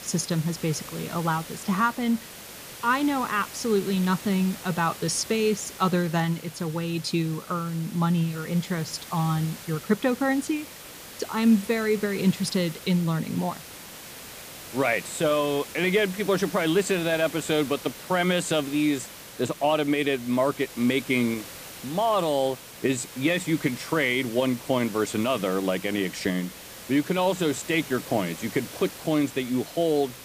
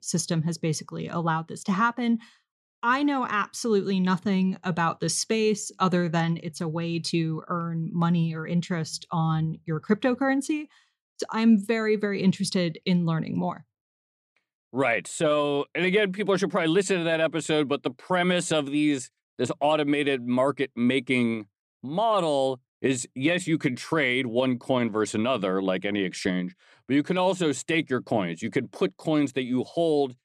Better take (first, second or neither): second